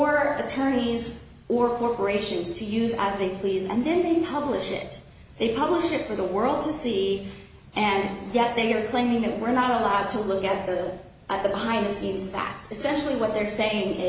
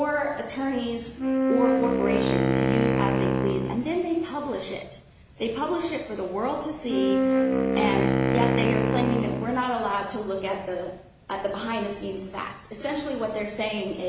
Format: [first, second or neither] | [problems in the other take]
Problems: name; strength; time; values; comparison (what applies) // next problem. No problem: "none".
first | background sound (Wind instrument, woodwind instrument); 4 dB above the speech